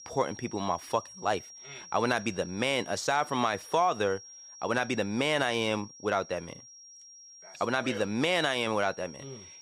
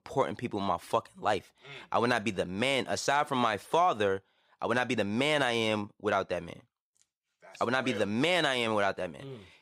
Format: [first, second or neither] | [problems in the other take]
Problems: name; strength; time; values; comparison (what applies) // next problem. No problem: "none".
second | high-pitched whine; noticeable; throughout; 5.5 kHz, 15 dB below the speech